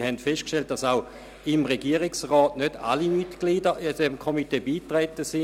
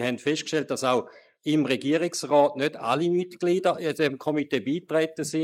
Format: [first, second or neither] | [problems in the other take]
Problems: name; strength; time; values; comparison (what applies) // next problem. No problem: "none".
first | noise reduction (neural mask model Resemble Enhance denoiser)